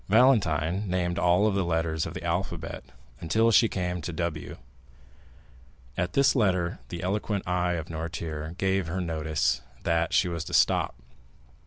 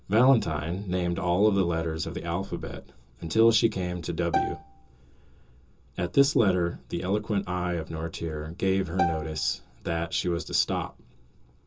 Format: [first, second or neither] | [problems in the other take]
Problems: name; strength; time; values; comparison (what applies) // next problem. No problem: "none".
first | background sound (Bowed string instrument); 5 dB below the speech // room echo; dies away in 0.2 s